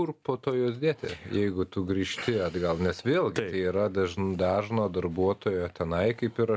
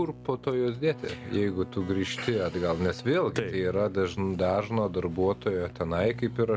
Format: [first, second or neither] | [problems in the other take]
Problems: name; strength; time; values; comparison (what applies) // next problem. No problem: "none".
first | background sound (Keyboard (musical)); 15 dB below the speech